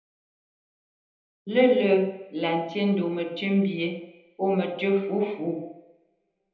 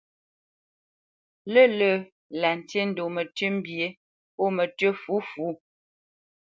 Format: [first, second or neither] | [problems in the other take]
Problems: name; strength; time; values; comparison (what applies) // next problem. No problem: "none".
second | room echo; dies away in 0.9 s